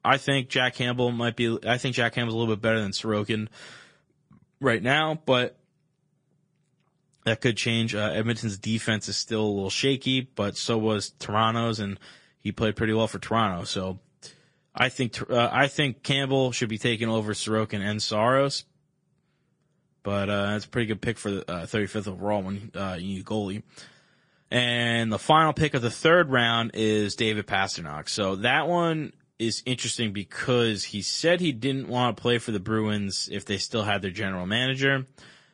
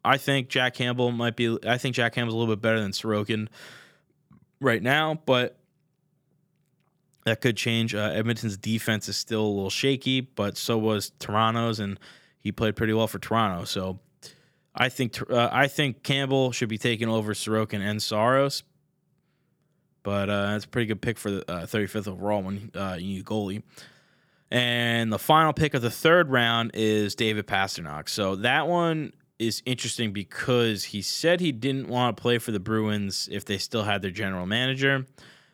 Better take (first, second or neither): second